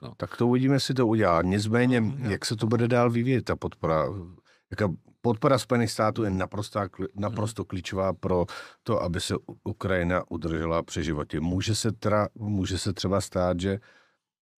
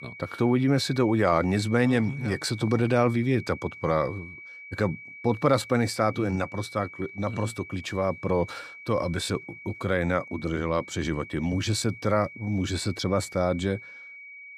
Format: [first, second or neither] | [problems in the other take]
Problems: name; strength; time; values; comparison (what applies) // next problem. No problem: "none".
first | high-pitched whine; noticeable; throughout; 2.5 kHz, 15 dB below the speech